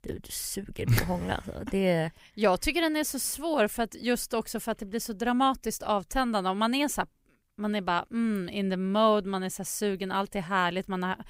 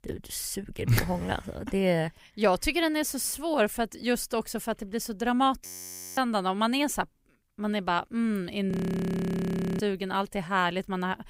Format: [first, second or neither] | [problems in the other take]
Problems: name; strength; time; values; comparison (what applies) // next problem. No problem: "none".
first | audio freezing; at 5.5 s for 0.5 s and at 8.5 s for 1 s